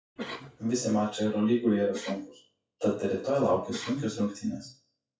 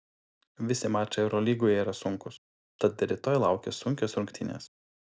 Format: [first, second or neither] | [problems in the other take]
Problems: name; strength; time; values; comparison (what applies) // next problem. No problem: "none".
second | noise reduction (classical method WPE with log-MMSE)